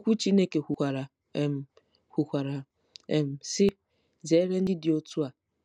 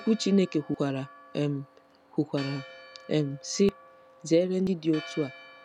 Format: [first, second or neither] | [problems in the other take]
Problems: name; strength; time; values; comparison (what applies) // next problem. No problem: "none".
first | background sound (Church bell); 19 dB below the speech